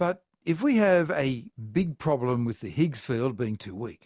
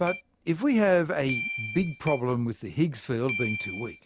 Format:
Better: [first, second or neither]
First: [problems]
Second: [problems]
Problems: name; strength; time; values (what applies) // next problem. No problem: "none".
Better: first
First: none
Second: background sound (Keyboard (musical)); 10 dB below the speech